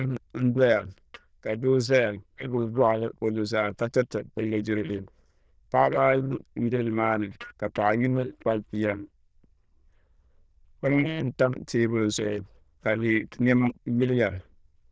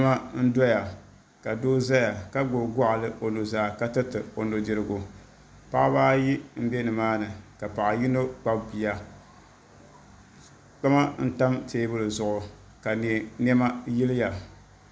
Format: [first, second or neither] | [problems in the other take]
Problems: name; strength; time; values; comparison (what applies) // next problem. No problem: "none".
second | noise reduction (neural diffusion model UNIVERSE++)